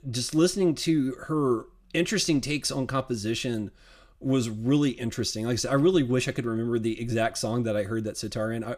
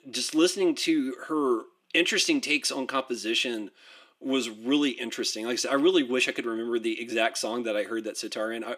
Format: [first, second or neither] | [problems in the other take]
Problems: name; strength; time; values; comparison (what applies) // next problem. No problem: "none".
first | thin; very slightly; fading below 300 Hz